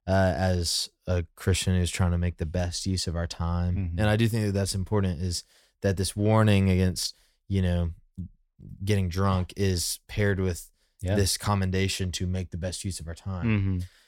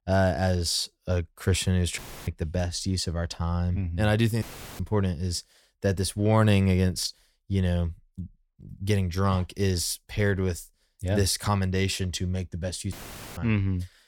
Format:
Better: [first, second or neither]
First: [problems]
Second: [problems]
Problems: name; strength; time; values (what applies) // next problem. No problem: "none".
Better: first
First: none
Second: audio cutting out; filled with static; at 2 s, at 4.5 s and at 13 s